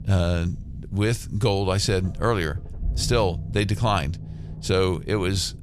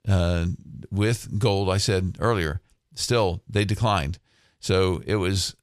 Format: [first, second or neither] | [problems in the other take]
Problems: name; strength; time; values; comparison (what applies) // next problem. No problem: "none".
second | low rumble; faint; throughout; 20 dB below the speech